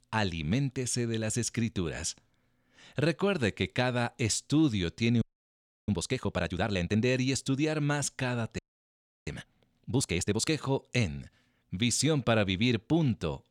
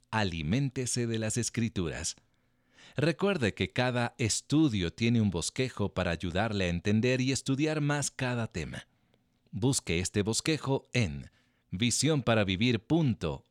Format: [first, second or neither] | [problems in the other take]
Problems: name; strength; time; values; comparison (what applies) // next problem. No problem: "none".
second | audio freezing; at 5 s for 0.5 s and at 8.5 s for 0.5 s